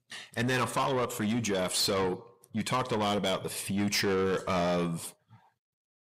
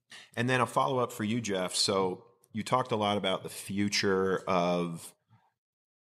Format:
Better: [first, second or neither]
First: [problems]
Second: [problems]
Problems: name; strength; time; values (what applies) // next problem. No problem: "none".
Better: second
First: distortion; heavy; 8 dB below the speech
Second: none